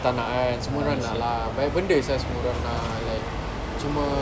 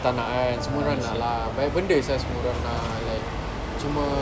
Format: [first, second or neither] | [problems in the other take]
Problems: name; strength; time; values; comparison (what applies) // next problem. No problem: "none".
first | background sound (Piano); 19 dB below the speech